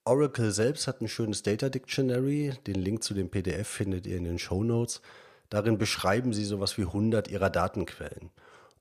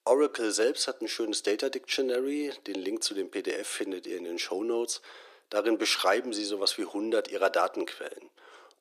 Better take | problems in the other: first | thin; somewhat; fading below 300 Hz

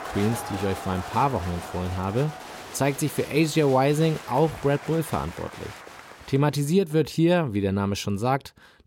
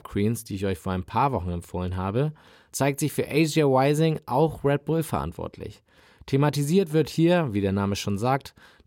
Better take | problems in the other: second | crowd noise; noticeable; until 6 s; 15 dB below the speech

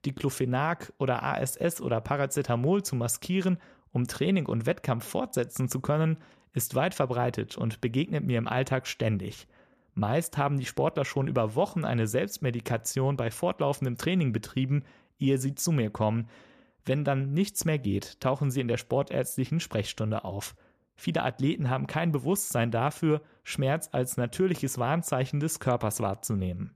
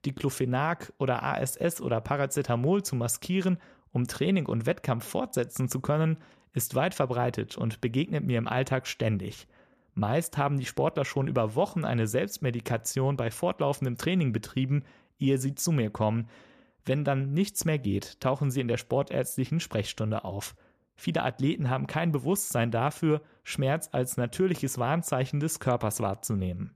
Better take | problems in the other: neither | none

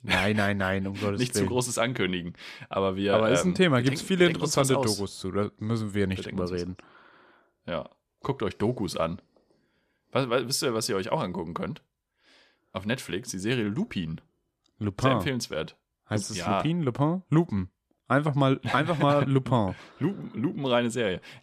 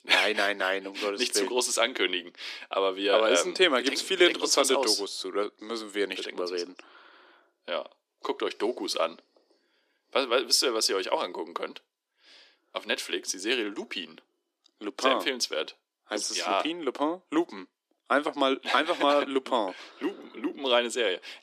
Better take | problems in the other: first | thin; somewhat; fading below 300 Hz

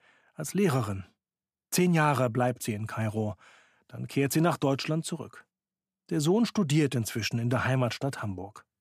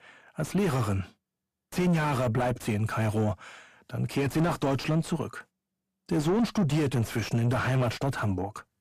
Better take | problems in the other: first | distortion; heavy; 6 dB below the speech

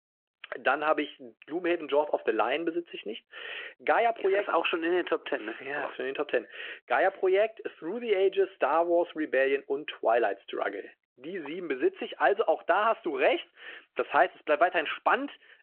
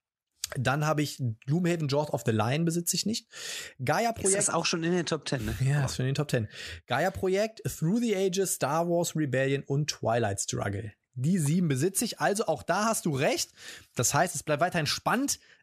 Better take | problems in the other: second | phone-call audio

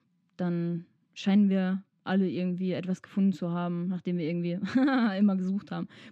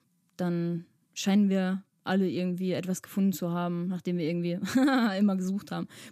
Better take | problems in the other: second | muffled; very slightly; fading above 3 kHz

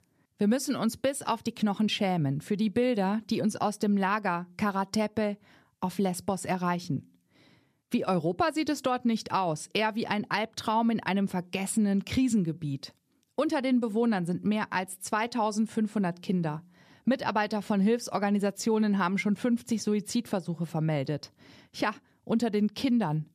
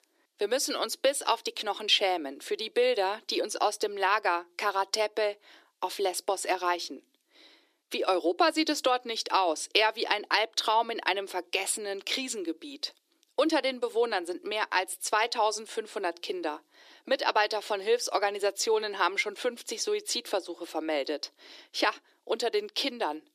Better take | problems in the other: first | thin; very; fading below 300 Hz

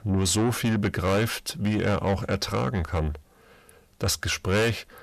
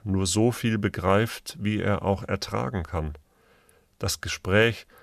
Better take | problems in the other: second | distortion; heavy; 7 dB below the speech

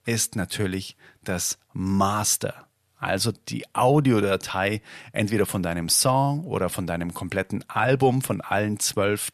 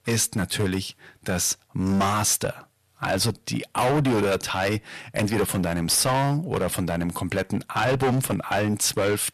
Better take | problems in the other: first | distortion; heavy; 13% of the sound clipped

